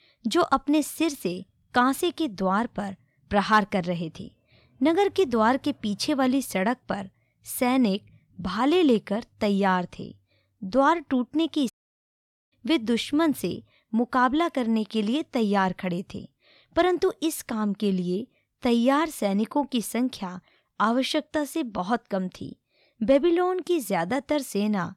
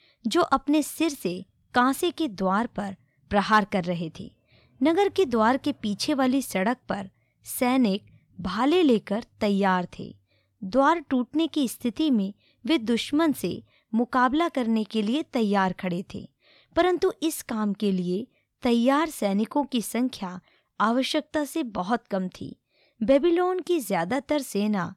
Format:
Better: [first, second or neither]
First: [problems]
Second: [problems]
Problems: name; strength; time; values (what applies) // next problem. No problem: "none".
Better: second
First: audio cutting out; at 12 s for 1 s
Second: none